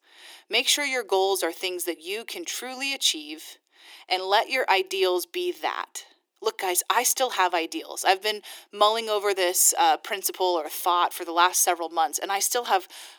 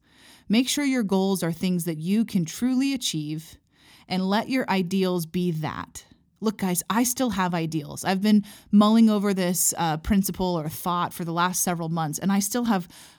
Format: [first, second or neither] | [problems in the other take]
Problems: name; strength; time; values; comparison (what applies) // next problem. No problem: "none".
second | thin; very; fading below 350 Hz